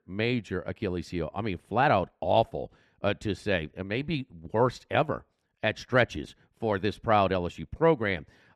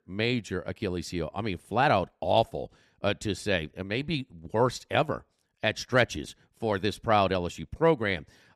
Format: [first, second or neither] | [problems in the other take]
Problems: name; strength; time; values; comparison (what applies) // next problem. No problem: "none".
second | muffled; very slightly; fading above 4 kHz